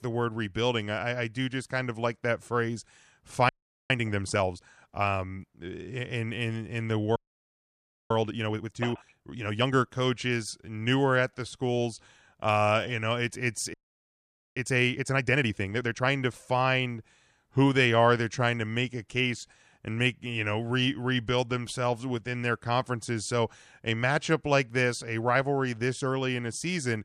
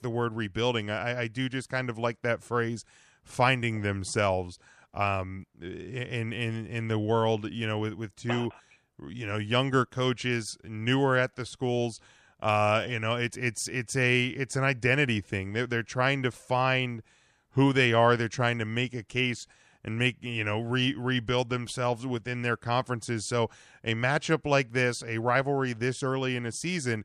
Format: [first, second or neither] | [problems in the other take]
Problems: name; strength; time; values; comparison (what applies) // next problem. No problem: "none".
second | audio freezing; at 3.5 s, at 7 s for 1 s and at 14 s for 1 s